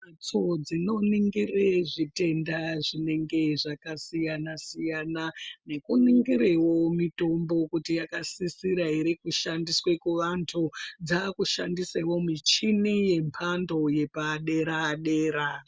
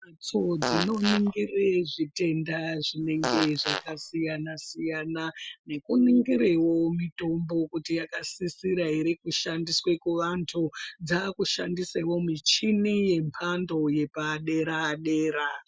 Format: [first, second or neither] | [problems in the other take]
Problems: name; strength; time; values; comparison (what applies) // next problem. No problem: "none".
first | noise reduction (classical method Wiener filter)